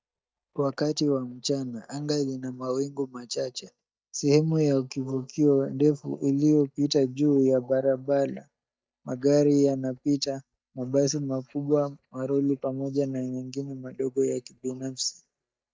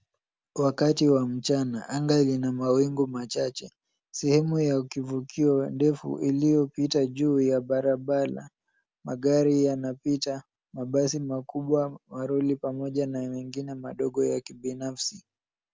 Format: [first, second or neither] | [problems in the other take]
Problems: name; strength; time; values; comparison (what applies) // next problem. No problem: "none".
second | noise reduction (neural mask model DeepFilterNet 3)